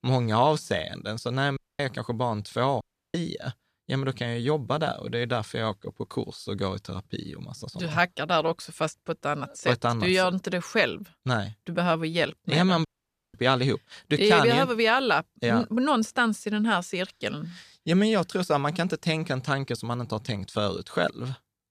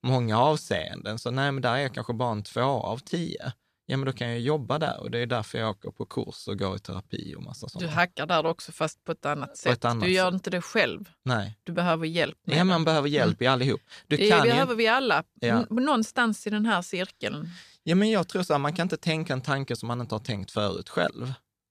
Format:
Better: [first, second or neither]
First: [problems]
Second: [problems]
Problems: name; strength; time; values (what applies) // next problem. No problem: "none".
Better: second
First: audio cutting out; at 1.5 s, at 3 s and at 13 s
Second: none